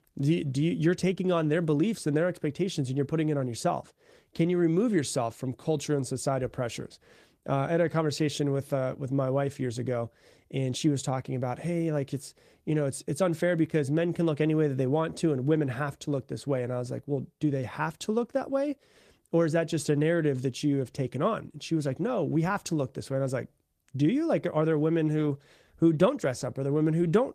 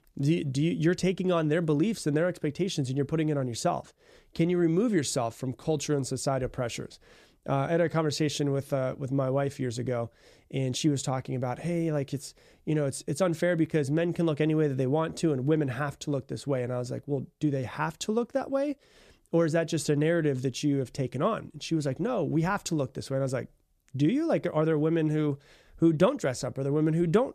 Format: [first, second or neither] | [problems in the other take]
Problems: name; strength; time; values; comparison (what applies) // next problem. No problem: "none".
second | garbled, watery; slightly; nothing above 14.5 kHz